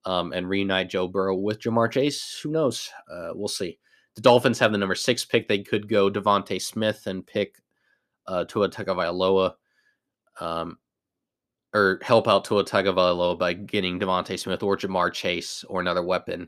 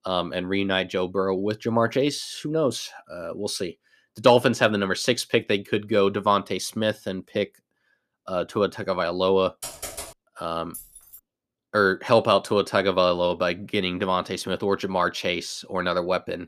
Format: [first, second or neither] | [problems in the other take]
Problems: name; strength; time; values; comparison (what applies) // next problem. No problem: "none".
first | keyboard typing; noticeable; at 9.5 s; peak 10 dB below the speech // jangling keys; faint; at 11 s; peak 15 dB below the speech